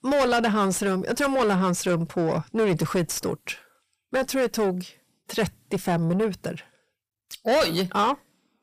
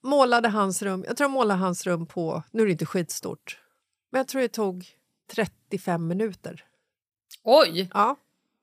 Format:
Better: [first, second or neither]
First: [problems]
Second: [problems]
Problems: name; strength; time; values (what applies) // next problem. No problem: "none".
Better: second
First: distortion; heavy; 6 dB below the speech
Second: none